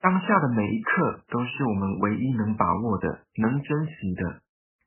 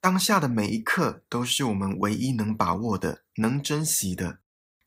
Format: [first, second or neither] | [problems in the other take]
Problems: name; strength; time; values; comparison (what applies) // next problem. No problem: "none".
second | garbled, watery; badly; nothing above 3 kHz